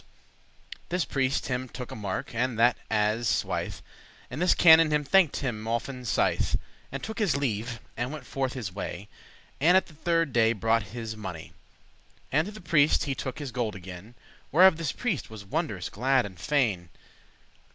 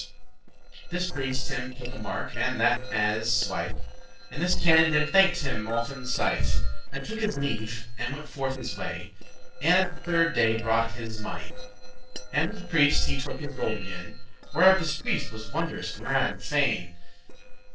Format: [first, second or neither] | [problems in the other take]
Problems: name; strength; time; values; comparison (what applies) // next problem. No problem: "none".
first | noise reduction (neural separator model SepFormer DNS4)